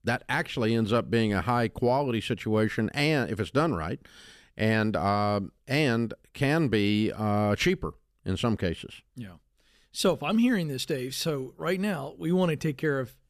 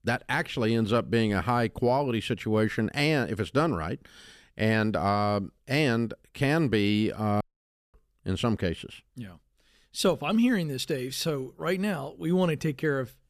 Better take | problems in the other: first | audio cutting out; at 7.5 s for 0.5 s

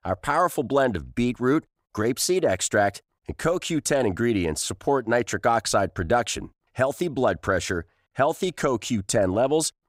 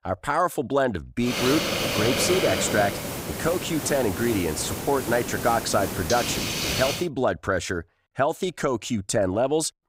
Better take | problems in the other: first | hiss; loud; from 1.5 to 7 s; 2 dB below the speech

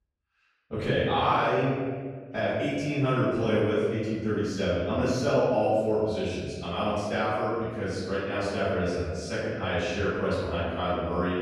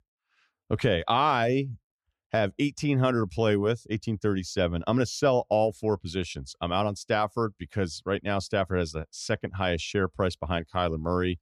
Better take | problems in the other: second | room echo; strong; dies away in 1.5 s // off-mic speech; far

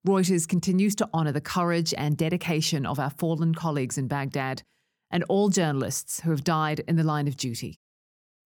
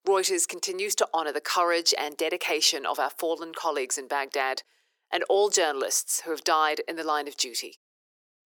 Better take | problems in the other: first | thin; very; fading below 400 Hz

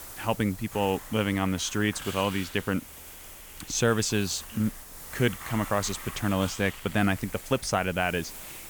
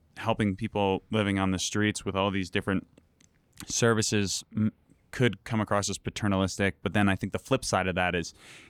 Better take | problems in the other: second | hiss; noticeable; throughout; 15 dB below the speech

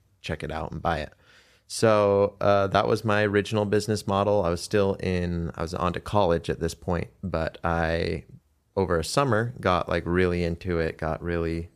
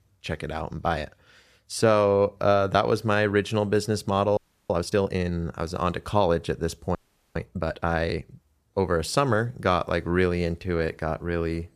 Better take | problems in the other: first | audio freezing; at 4.5 s and at 7 s

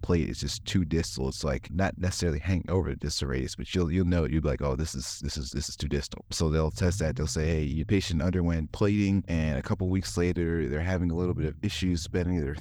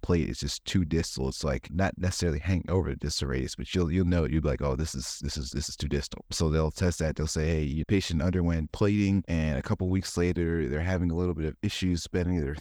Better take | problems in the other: second | low rumble; faint; throughout; 25 dB below the speech

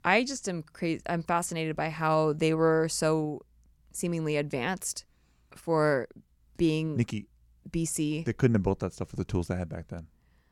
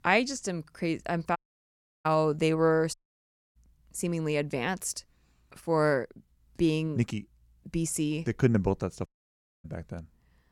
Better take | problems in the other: first | audio cutting out; at 1.5 s for 0.5 s, at 3 s for 0.5 s and at 9 s for 0.5 s

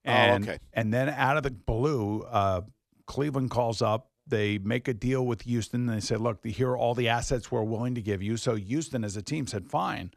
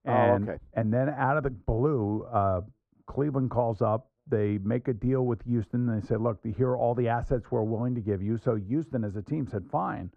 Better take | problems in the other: first | muffled; very; fading above 2 kHz

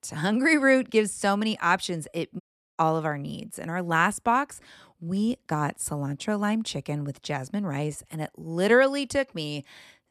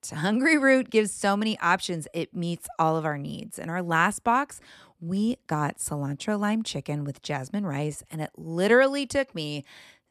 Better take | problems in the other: second | audio cutting out; at 2.5 s

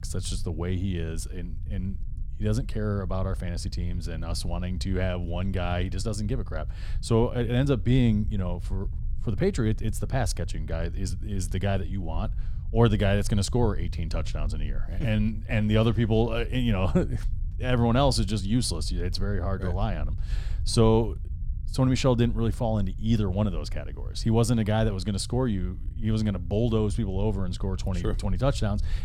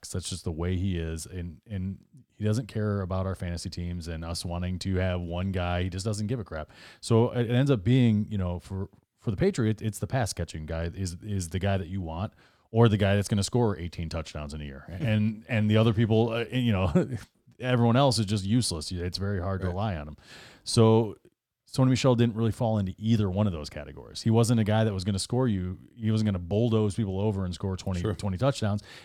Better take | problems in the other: second | low rumble; faint; throughout; 20 dB below the speech

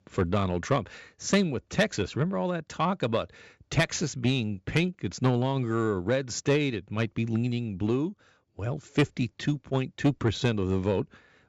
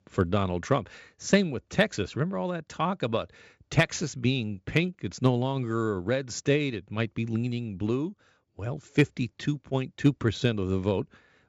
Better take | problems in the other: second | distortion; slight; 10 dB below the speech

